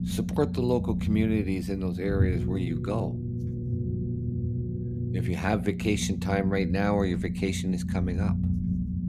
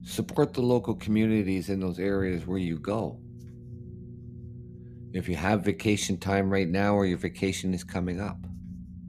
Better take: second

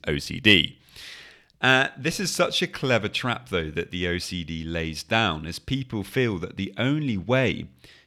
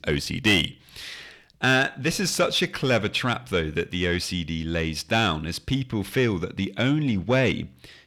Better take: first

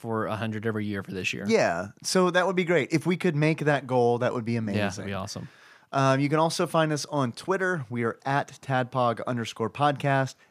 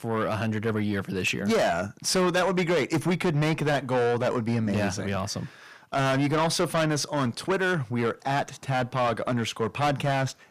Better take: first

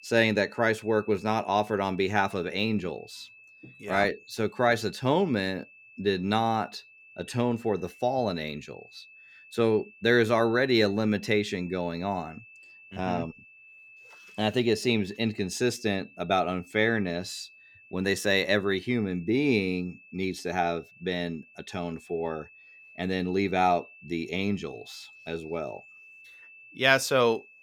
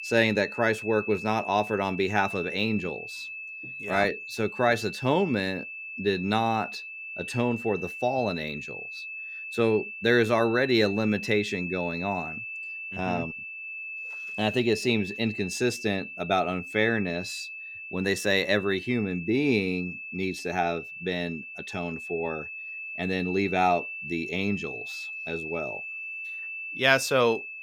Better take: first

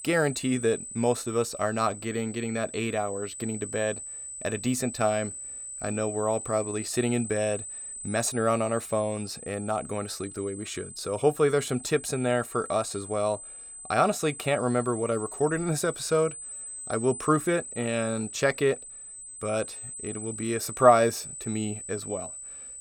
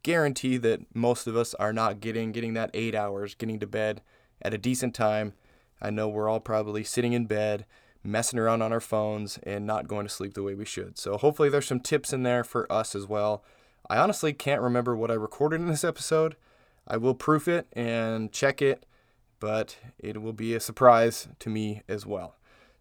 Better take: second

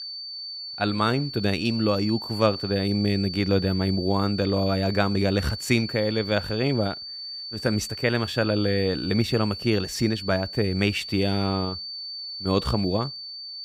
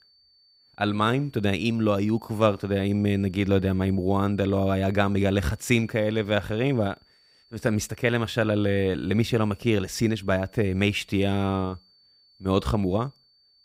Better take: second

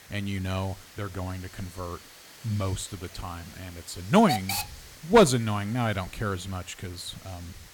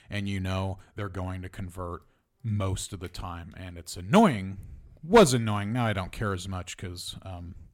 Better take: second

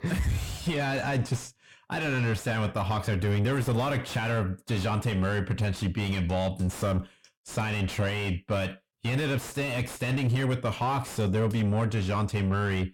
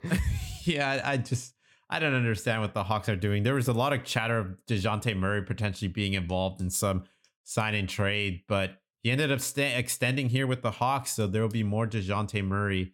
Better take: second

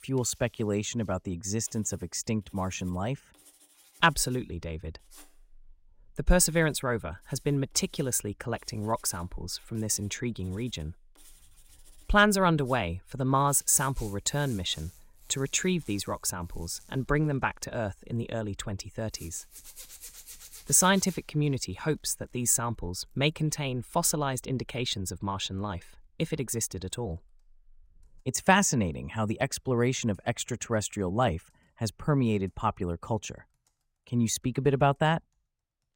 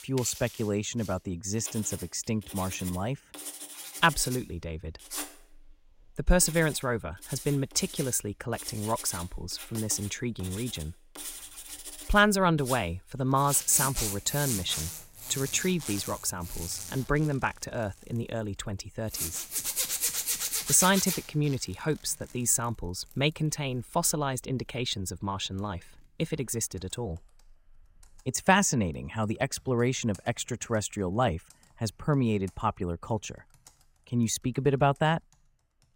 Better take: first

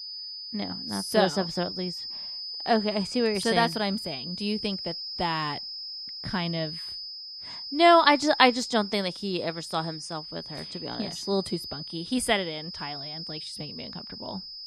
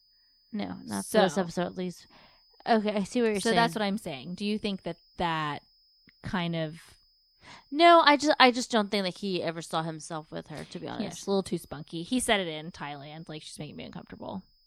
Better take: second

